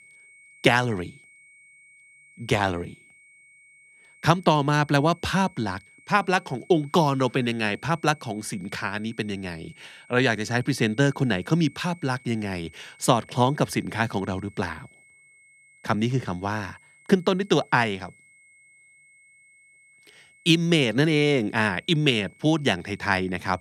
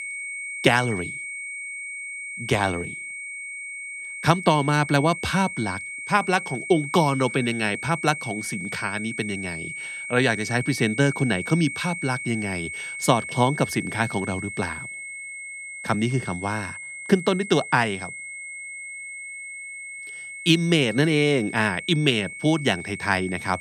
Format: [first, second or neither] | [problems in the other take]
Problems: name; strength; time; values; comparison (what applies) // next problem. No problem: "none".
first | high-pitched whine; loud; throughout; 2 kHz, 9 dB below the speech; faint in the first